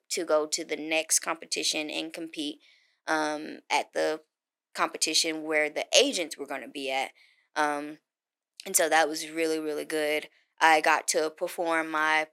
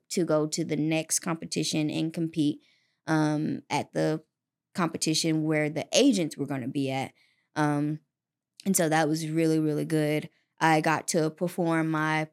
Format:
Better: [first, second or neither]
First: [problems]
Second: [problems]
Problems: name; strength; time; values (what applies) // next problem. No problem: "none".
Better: second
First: thin; very; fading below 450 Hz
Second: none